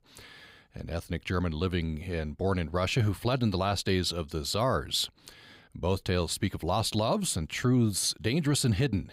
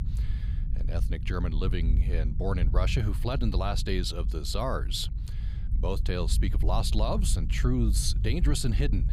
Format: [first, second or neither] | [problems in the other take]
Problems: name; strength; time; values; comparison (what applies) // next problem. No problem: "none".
first | low rumble; noticeable; throughout; 15 dB below the speech